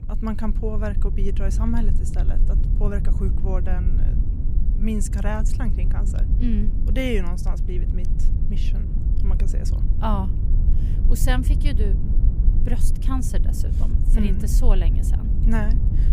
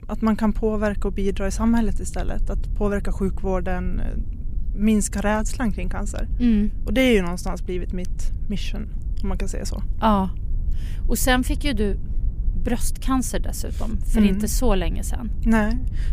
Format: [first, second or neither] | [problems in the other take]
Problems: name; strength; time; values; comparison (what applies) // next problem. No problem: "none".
second | low rumble; loud; throughout; 8 dB below the speech; faint in the second